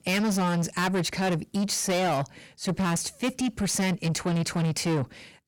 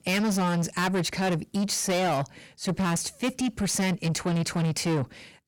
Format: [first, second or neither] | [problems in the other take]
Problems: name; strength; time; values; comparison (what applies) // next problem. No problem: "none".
neither | distortion; heavy; 7 dB below the speech; the same in both